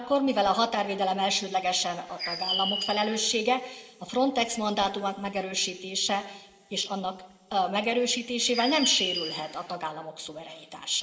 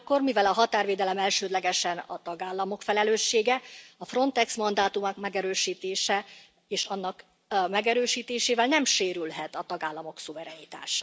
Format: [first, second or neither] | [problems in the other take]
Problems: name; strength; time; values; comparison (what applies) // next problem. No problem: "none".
second | background sound (Bird); 4 dB below the speech // room echo; dies away in 2.9 s